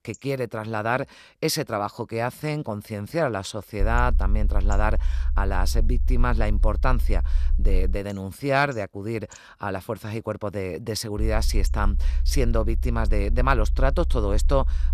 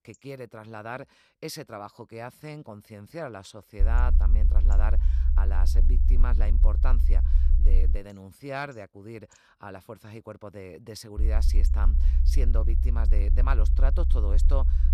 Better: first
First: low rumble; faint; from 4 to 8 s and from 11 s on; 20 dB below the speech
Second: low rumble; loud; from 4 to 8 s and from 11 s on; 8 dB below the speech

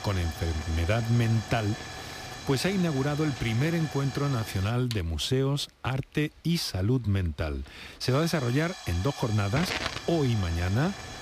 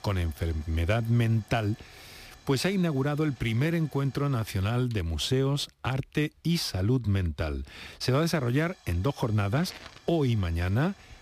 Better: second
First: hiss; loud; throughout; 10 dB below the speech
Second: hiss; faint; throughout; 25 dB below the speech

